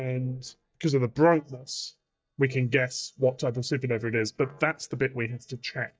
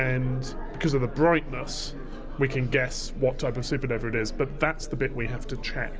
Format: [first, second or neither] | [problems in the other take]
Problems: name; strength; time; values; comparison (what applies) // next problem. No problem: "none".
second | noise reduction (neural mask model DeepFilterNet 3)